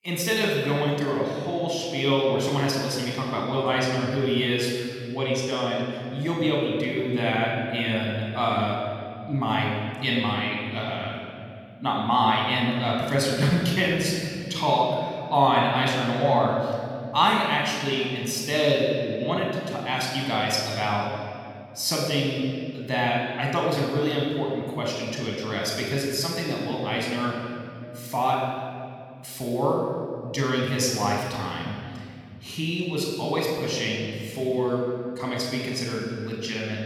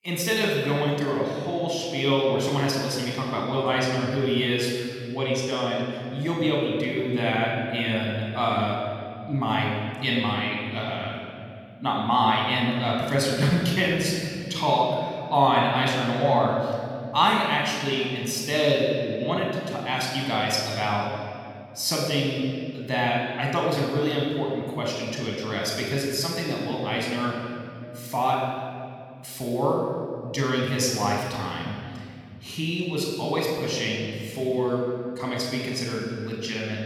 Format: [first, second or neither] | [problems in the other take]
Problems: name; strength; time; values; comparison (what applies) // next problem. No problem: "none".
neither | off-mic speech; somewhat distant; the same in both // room echo; noticeable; dies away in 2.4 s; the same in both